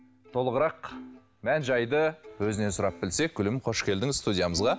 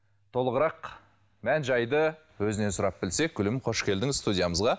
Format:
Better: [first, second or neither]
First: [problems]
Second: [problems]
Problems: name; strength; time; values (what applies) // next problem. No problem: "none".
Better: second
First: background sound (Plucked string instrument); 20 dB below the speech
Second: none